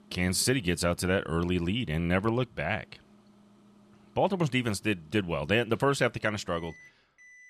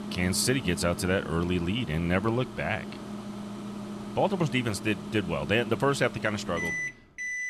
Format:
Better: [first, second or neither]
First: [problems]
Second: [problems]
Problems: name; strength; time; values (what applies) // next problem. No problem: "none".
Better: first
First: household noises; faint; throughout; 30 dB below the speech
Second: household noises; loud; throughout; 9 dB below the speech